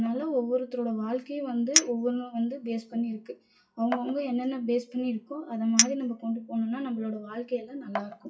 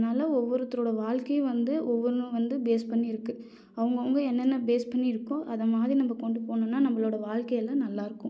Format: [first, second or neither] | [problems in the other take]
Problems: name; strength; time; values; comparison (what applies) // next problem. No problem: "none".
second | noise reduction (classical method WPE with log-MMSE)